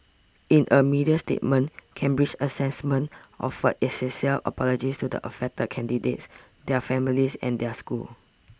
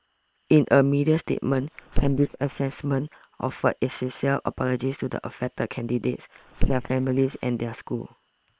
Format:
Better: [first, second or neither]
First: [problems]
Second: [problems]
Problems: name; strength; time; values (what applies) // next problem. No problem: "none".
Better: first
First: none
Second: noise reduction (neural separator model SepFormer WHAM!)